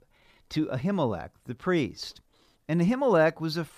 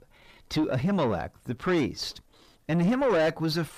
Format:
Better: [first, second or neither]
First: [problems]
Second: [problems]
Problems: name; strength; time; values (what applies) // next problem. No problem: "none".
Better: first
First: none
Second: distortion; heavy; 6 dB below the speech